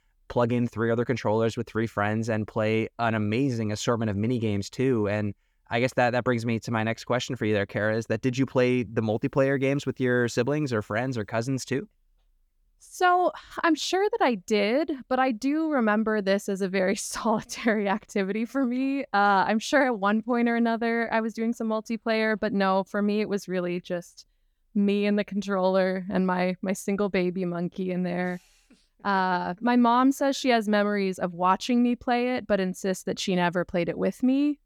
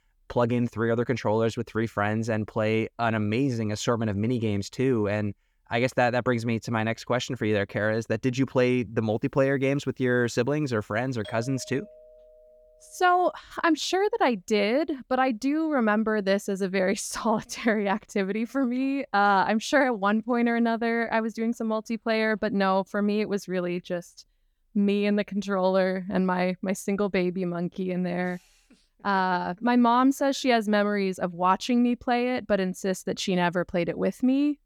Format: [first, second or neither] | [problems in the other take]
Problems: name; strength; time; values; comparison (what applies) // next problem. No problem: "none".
first | doorbell; faint; from 11 to 13 s; peak 20 dB below the speech